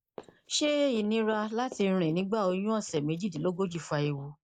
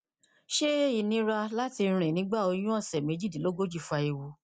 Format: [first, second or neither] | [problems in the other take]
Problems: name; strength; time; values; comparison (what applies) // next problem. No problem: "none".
second | noise reduction (neural mask model Resemble Enhance denoiser)